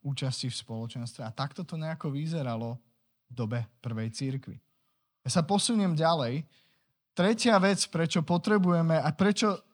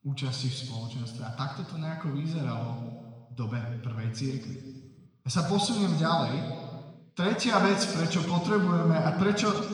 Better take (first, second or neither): first